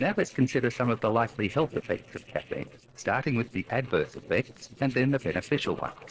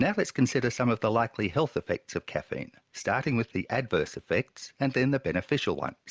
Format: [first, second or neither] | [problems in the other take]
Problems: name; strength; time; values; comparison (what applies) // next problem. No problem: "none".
second | noise reduction (neural separator model SepFormer DNS4)